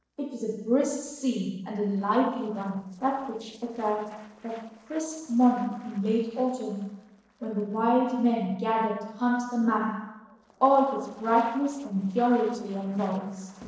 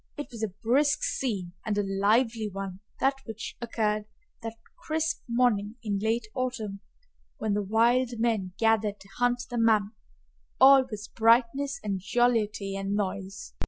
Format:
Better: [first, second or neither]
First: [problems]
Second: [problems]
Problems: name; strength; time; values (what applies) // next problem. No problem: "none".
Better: second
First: noise reduction (neural separator model SepFormer DNS4)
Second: none